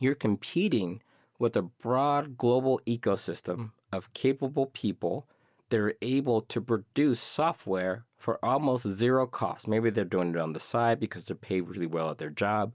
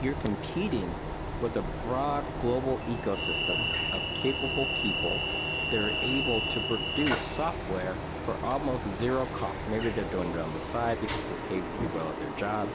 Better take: first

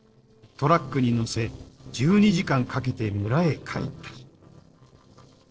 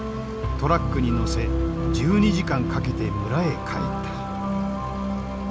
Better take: second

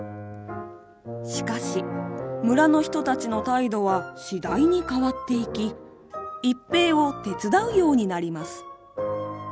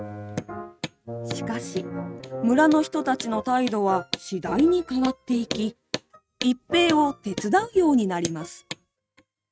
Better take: first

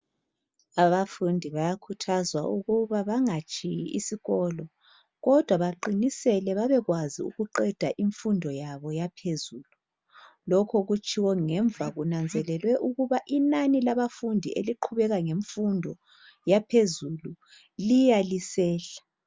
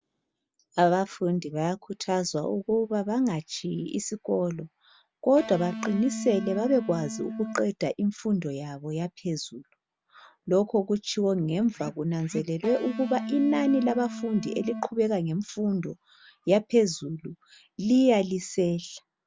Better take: first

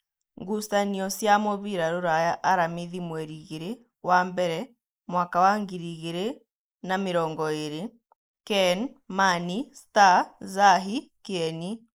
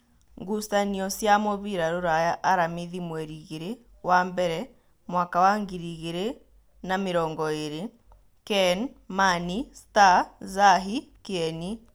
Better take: second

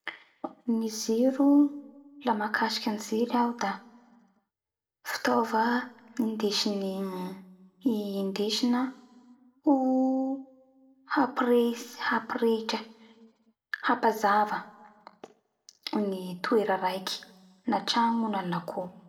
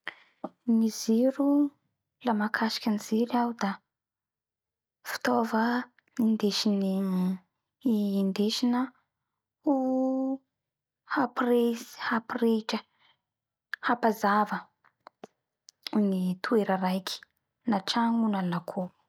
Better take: second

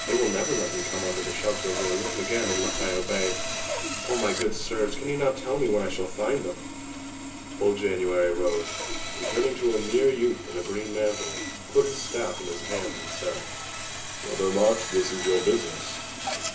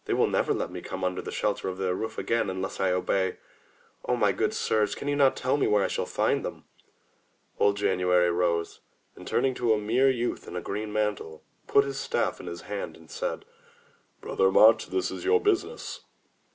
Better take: second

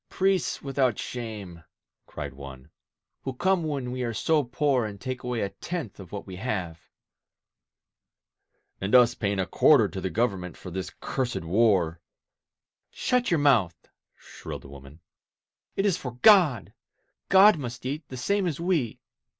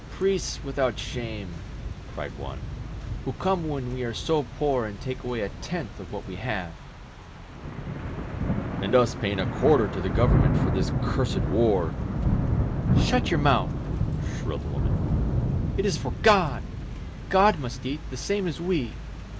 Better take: first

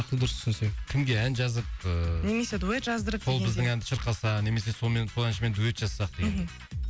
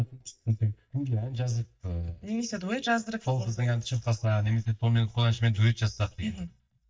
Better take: first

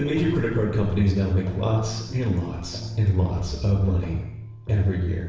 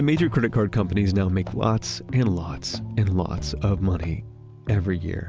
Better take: second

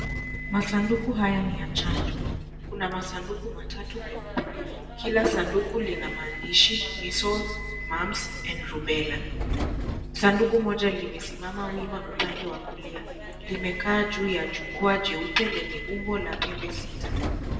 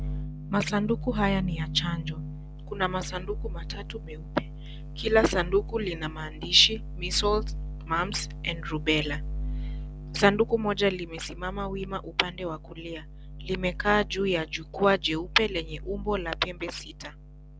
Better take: second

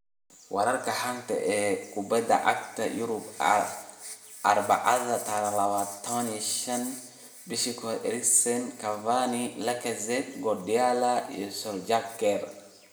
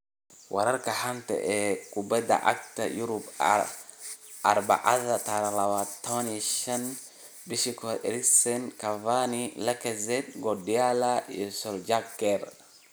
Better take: second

